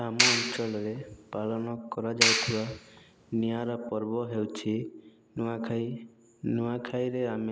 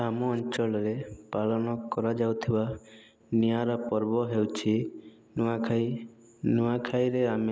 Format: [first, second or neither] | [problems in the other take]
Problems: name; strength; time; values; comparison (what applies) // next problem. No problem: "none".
second | background sound (Clapping); 2 dB above the speech